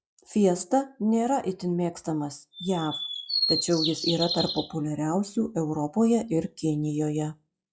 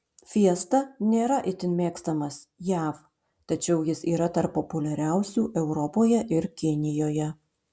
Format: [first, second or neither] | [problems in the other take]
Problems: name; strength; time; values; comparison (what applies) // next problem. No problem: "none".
second | noise reduction (classical method log-MMSE)